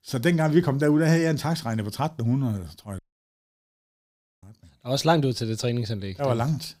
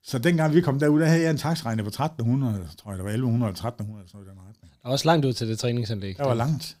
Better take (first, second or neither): second